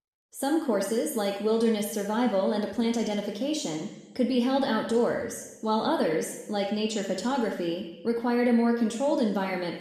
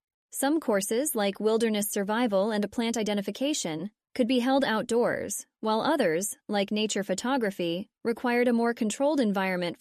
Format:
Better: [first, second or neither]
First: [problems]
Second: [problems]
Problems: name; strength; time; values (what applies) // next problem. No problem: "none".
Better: second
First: room echo; noticeable; dies away in 0.9 s // off-mic speech; somewhat distant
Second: none